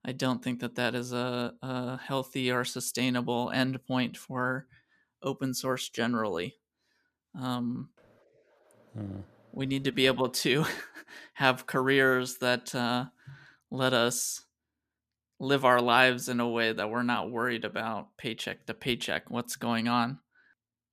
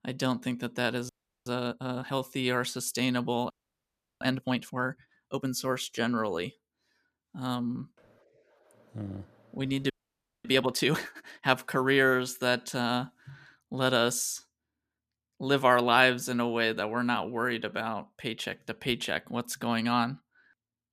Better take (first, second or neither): first